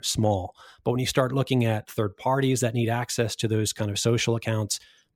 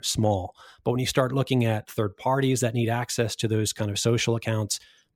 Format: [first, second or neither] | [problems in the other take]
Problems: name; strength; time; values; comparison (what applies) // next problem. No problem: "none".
neither | none